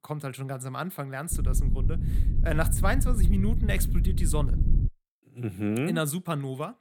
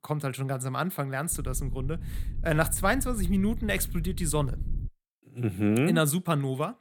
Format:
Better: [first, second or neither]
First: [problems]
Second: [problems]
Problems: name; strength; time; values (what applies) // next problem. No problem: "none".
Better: second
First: low rumble; loud; from 1.5 to 5 s; 10 dB below the speech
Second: low rumble; faint; from 1.5 to 5 s; 20 dB below the speech